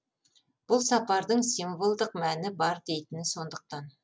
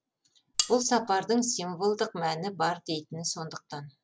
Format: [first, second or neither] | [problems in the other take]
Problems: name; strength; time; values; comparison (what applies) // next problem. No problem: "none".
first | background sound (Cutlery, silverware); 3 dB below the speech